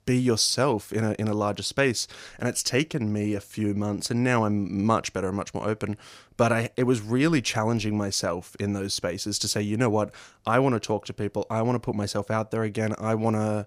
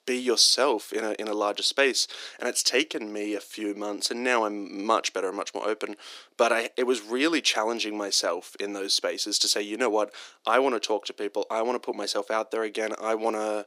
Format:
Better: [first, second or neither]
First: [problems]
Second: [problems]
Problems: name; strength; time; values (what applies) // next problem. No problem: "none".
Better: first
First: none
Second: thin; somewhat; fading below 300 Hz